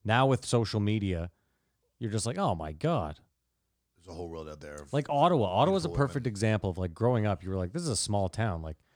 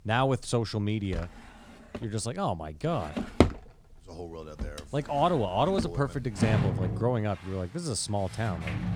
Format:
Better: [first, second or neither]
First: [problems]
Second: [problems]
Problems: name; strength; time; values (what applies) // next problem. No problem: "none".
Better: first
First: none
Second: household noises; loud; throughout; 3 dB below the speech